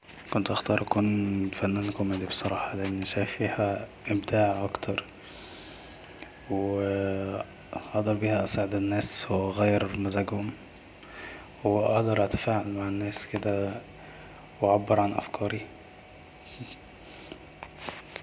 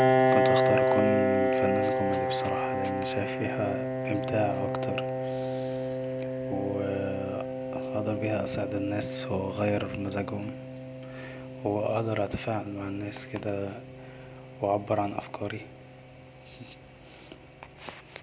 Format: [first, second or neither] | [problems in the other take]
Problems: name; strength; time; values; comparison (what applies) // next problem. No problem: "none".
first | background sound (Piano); 3 dB above the speech